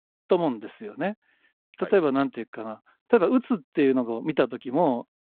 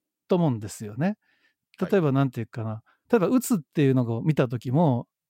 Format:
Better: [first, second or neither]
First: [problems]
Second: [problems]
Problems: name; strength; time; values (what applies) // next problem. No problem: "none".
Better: second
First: phone-call audio; nothing above 4 kHz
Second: none